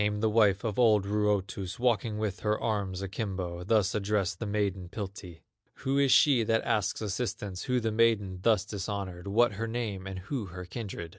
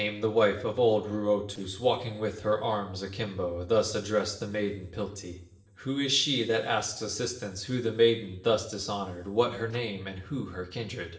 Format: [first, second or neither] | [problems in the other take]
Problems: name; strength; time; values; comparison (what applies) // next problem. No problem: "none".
first | noise reduction (neural separator model SepFormer DNS4)